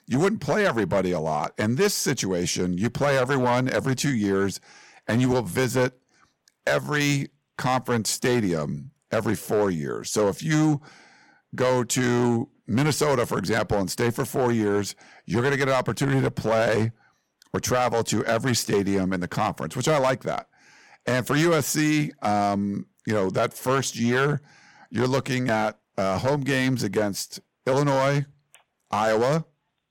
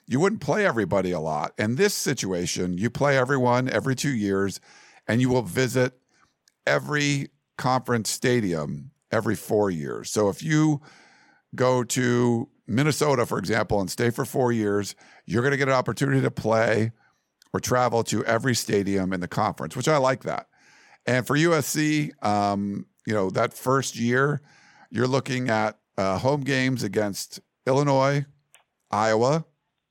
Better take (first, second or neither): second